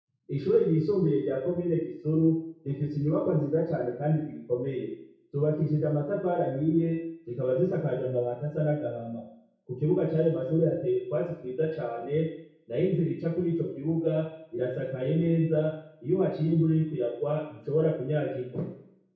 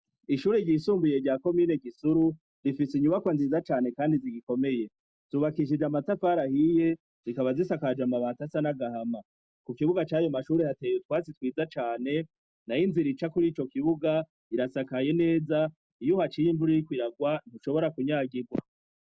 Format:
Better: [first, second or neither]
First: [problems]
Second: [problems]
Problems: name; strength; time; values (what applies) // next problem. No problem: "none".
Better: second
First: room echo; dies away in 0.6 s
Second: none